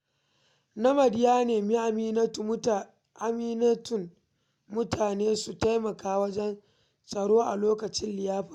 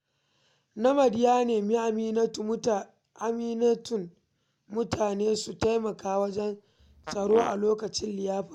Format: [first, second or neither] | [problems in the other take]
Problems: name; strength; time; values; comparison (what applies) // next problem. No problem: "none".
first | background sound (Fart); 12 dB below the speech